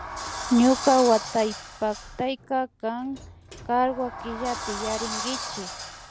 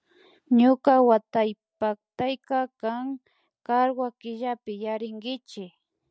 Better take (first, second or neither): second